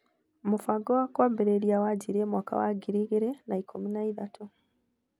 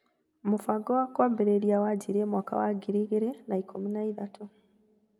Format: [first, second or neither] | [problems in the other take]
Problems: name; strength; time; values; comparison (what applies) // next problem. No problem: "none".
first | room echo; dies away in 1.7 s